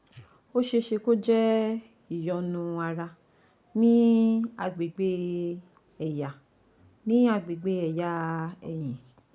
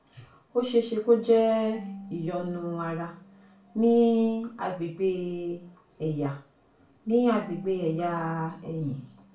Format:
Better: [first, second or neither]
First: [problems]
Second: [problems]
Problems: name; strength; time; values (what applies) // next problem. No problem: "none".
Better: first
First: none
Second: background sound (Marimba, xylophone / Wood); 20 dB below the speech // room echo; dies away in 0.3 s